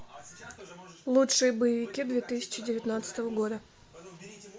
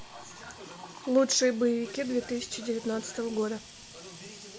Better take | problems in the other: first | background sound (Sink (filling or washing) / Water tap, faucet); 18 dB below the speech

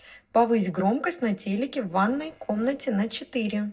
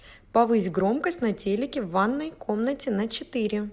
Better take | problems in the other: second | noise reduction (neural separator model SepFormer DNS4)

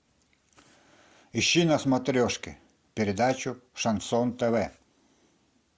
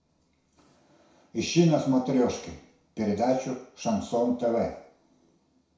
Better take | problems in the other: first | room echo; dies away in 0.6 s

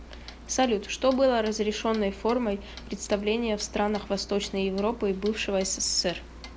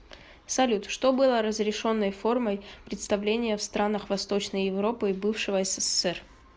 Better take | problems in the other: second | background sound (Clock); 17 dB below the speech

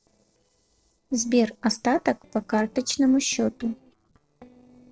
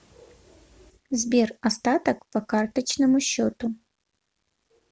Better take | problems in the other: second | noise reduction (neural separator model SepFormer DNS4)

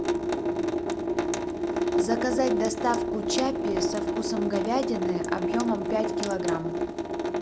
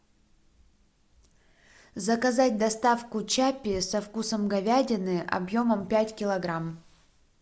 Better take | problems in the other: second | background sound (Drip / Sink (filling or washing) / Water tap, faucet); 3 dB above the speech

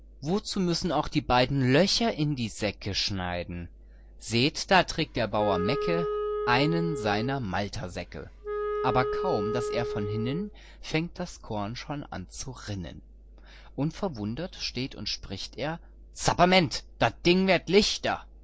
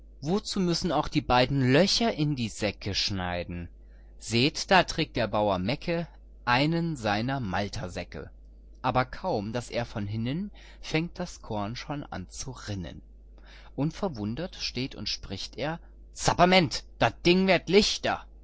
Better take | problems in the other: second | background sound (Wind instrument, woodwind instrument); 4 dB below the speech

